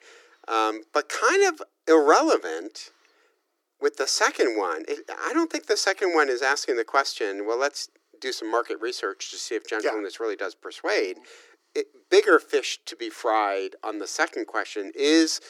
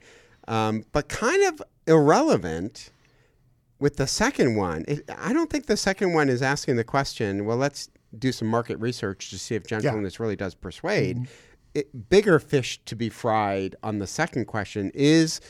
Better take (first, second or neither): second